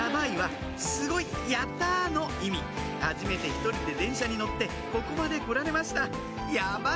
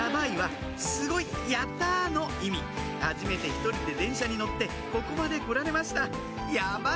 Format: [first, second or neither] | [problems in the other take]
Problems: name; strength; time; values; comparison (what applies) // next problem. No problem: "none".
second | background sound (Brass instrument); 19 dB below the speech